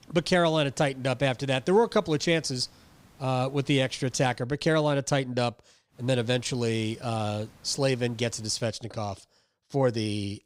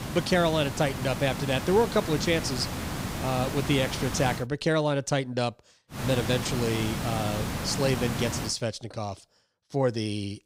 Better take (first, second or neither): first